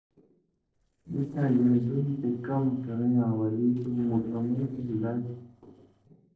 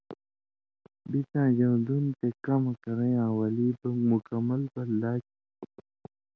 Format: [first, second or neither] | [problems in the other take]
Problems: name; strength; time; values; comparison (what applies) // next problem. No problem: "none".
second | noise reduction (neural separator model SepFormer DNS4)